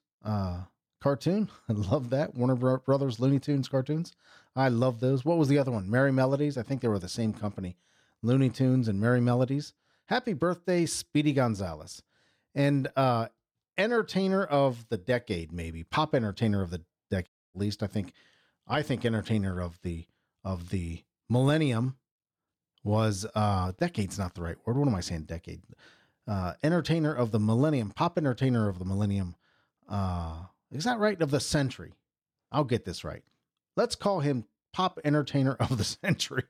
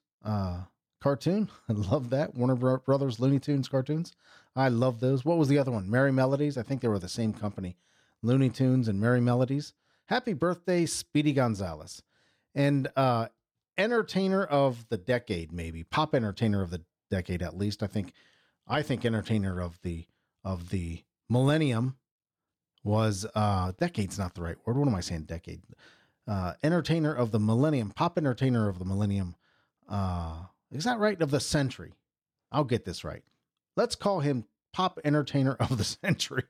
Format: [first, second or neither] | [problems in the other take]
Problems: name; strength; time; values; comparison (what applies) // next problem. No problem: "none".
second | audio cutting out; at 17 s